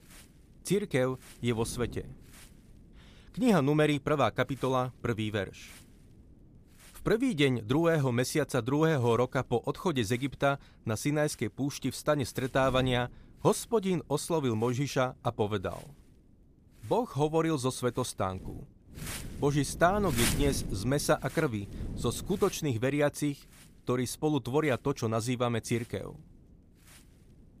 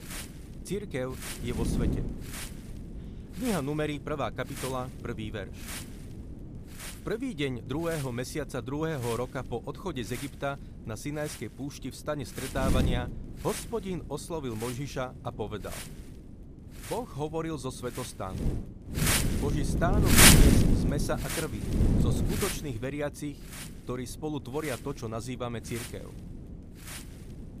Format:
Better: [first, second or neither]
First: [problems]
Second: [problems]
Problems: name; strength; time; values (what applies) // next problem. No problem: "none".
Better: first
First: wind noise on the microphone; occasional gusts; 15 dB below the speech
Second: wind noise on the microphone; heavy; 5 dB above the speech